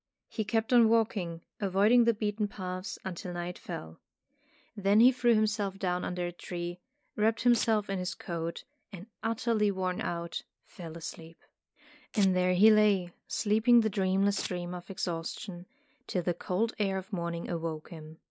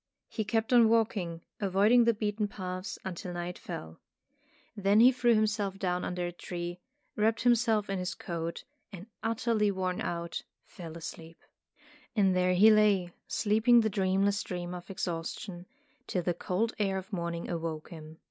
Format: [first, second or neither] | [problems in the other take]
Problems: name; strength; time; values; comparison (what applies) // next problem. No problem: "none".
second | noise reduction (neural mask model Resemble Enhance denoiser)